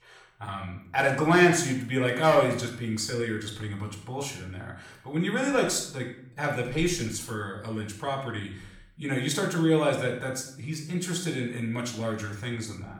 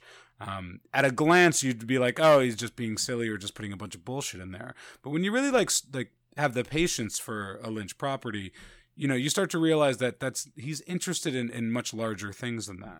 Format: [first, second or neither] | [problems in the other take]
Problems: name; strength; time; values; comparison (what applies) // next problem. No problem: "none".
second | off-mic speech; somewhat distant // room echo; slight; dies away in 0.5 s